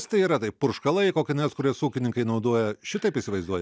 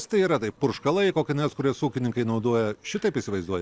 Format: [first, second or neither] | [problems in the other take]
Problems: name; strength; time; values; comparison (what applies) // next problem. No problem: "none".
first | noise reduction (neural separator model SepFormer DNS4)